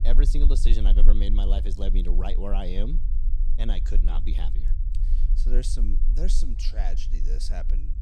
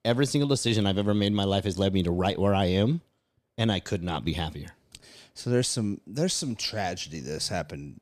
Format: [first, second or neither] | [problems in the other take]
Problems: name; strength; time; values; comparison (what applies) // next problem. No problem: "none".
second | low rumble; noticeable; throughout; 10 dB below the speech